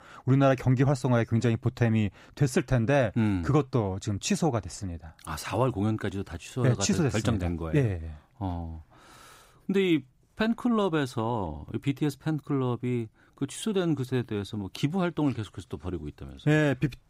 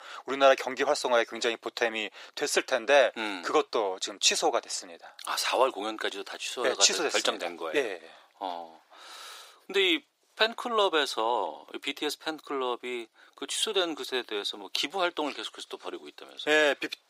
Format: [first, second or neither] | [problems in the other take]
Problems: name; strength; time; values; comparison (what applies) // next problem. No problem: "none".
first | thin; very; fading below 450 Hz